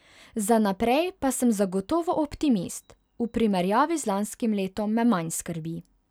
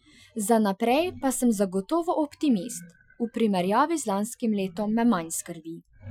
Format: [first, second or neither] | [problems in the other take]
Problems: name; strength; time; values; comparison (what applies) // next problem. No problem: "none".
first | noise reduction (classical method Wiener filter)